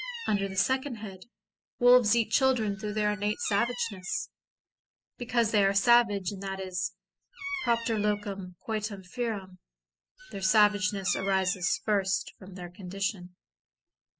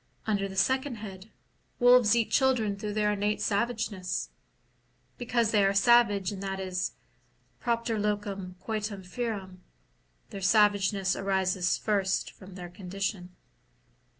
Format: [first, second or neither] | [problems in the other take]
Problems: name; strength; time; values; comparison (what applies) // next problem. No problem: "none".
second | noise reduction (classical method spectral subtraction)